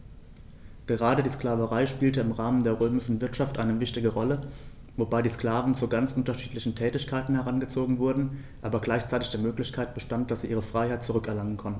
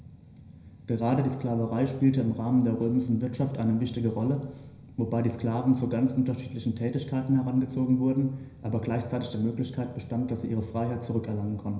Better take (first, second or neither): first